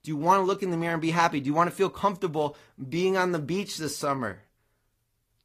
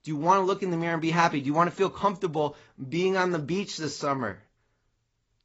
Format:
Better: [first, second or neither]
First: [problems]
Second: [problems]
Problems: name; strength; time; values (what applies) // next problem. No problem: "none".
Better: first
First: garbled, watery; slightly; nothing above 15 kHz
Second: garbled, watery; badly; nothing above 7.5 kHz